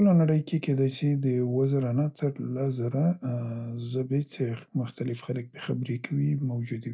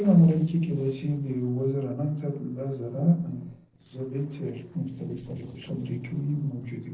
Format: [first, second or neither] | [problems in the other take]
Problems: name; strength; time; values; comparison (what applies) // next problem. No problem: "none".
first | noise reduction (neural separator model SepFormer DNS4)